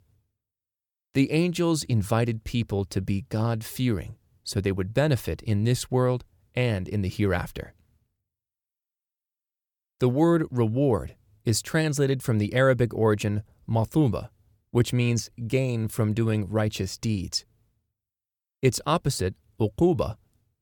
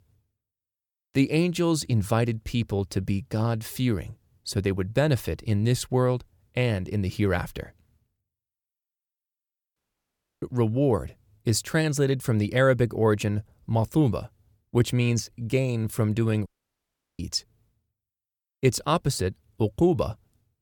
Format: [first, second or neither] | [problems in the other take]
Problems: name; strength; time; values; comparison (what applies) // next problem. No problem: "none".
first | audio cutting out; at 10 s for 0.5 s and at 16 s for 0.5 s